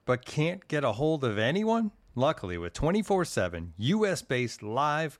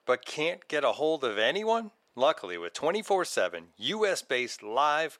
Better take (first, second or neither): first